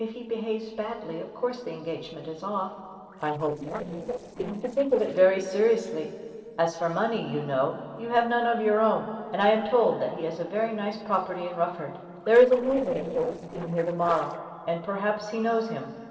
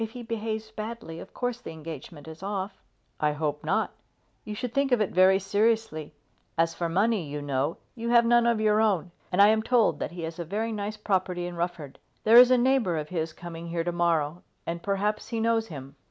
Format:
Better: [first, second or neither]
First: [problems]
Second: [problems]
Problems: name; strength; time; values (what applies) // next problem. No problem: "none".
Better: second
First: noise reduction (neural separator model SepFormer DNS4)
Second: none